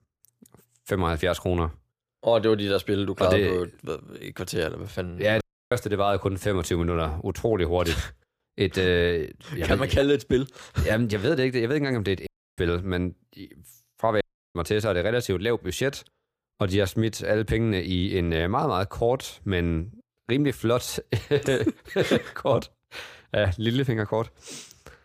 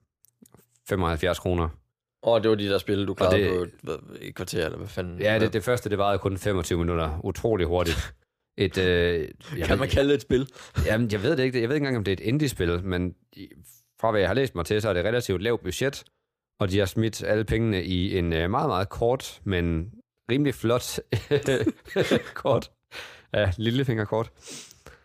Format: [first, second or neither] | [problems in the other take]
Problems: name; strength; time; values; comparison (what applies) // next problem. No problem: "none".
second | audio cutting out; at 5.5 s, at 12 s and at 14 s